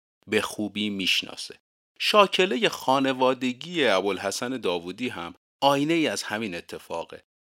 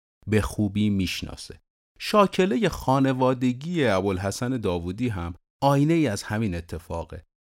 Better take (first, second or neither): second